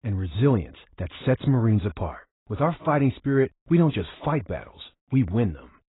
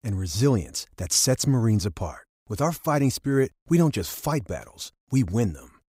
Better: second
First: garbled, watery; badly; nothing above 4 kHz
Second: none

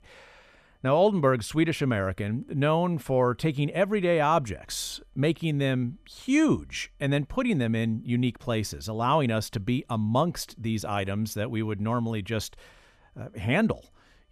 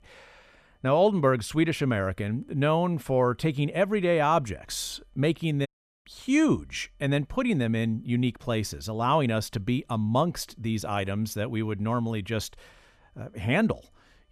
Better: first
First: none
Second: audio cutting out; at 5.5 s

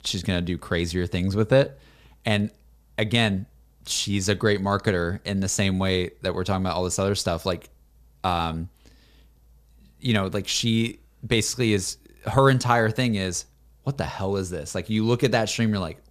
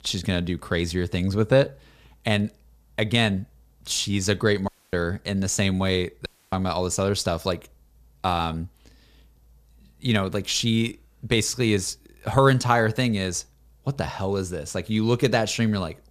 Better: first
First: none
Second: audio cutting out; at 4.5 s and at 6.5 s

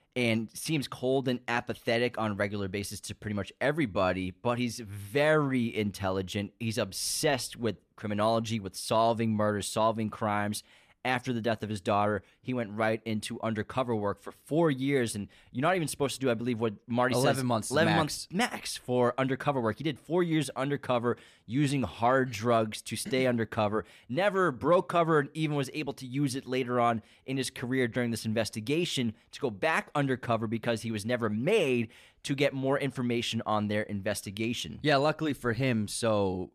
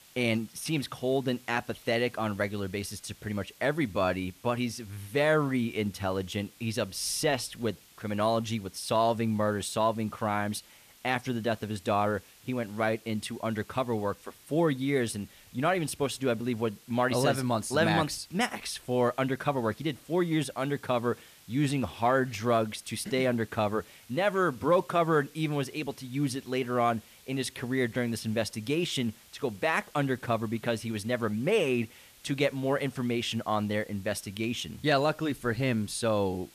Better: first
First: none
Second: hiss; faint; throughout; 25 dB below the speech

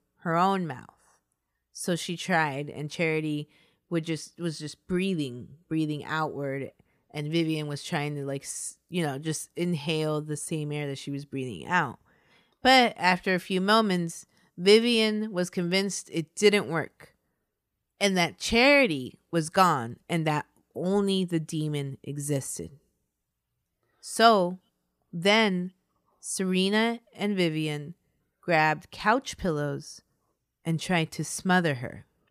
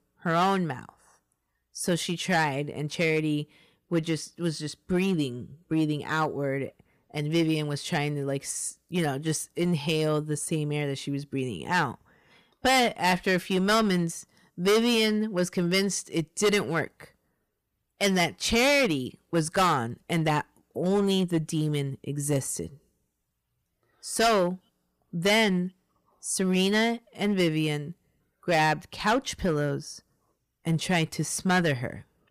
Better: first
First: none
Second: distortion; heavy; 6% of the sound clipped

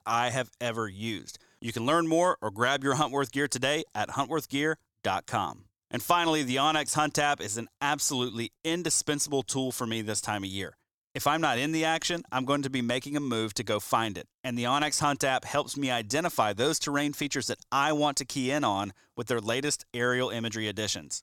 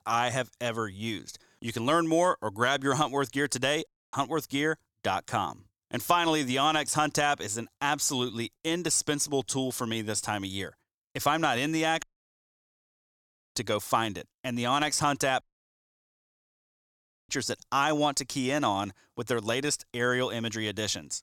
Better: first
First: none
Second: audio cutting out; at 4 s, at 12 s for 1.5 s and at 15 s for 2 s

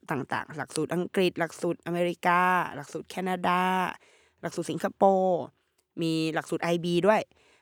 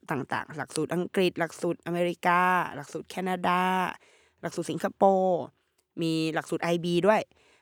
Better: neither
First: none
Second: none

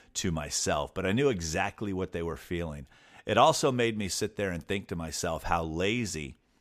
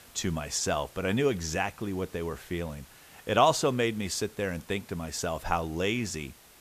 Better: first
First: none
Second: hiss; faint; throughout; 25 dB below the speech

